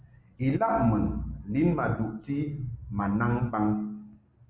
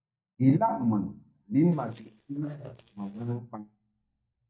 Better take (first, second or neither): first